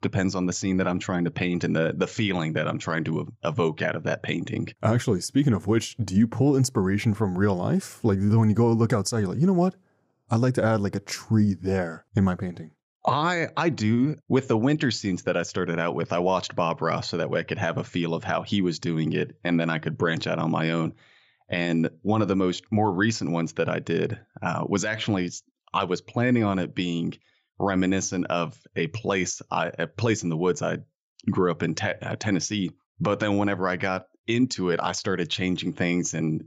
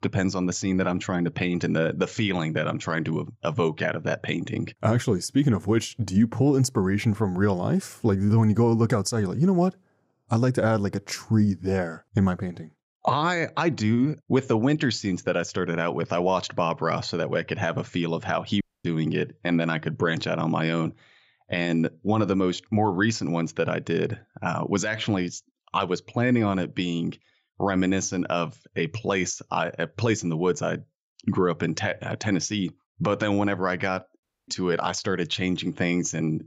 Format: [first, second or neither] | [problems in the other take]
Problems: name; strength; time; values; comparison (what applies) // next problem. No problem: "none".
first | audio cutting out; at 19 s and at 34 s